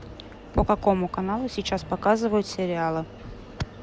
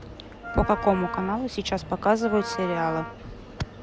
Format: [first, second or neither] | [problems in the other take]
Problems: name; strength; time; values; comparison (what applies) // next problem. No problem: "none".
first | background sound (Wind instrument, woodwind instrument); 10 dB below the speech